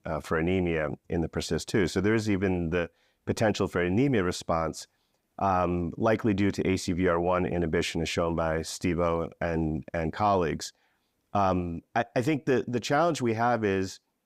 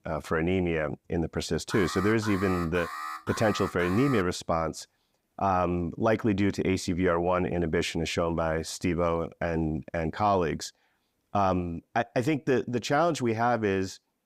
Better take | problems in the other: first | alarm; noticeable; from 1.5 to 4 s; peak 8 dB below the speech

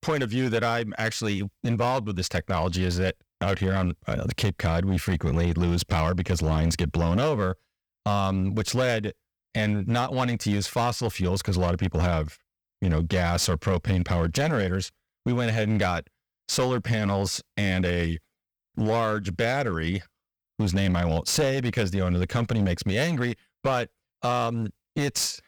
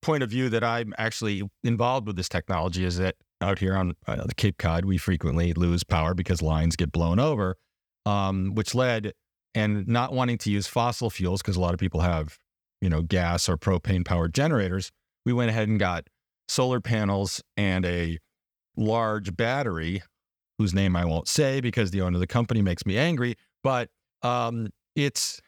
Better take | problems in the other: second | distortion; slight; 12% of the sound clipped

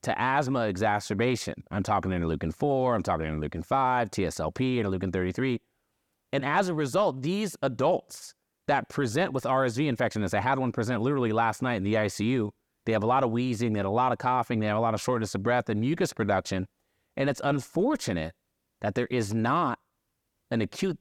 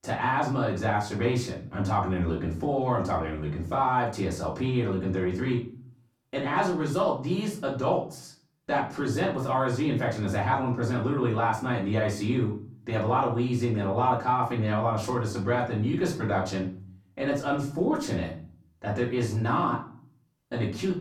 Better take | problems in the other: first | off-mic speech; far // room echo; slight; dies away in 0.4 s

